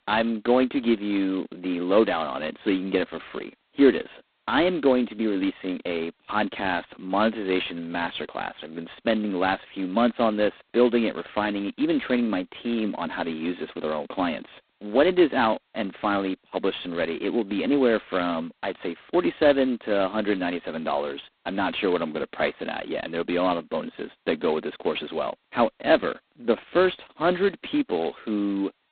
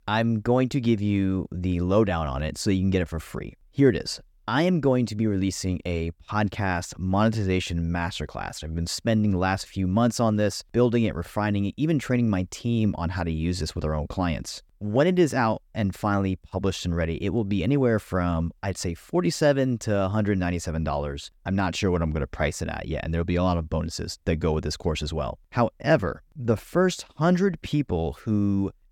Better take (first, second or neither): second